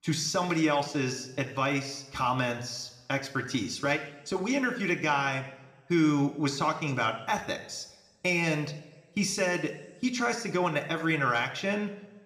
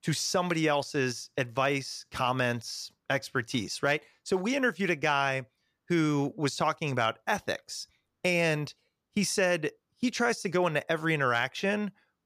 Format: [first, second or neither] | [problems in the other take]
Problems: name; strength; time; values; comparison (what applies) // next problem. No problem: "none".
second | room echo; slight; dies away in 1 s